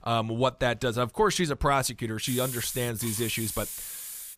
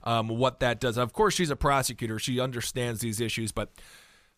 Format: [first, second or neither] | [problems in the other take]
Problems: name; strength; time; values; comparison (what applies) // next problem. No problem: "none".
second | hiss; loud; from 2.5 s on; 7 dB below the speech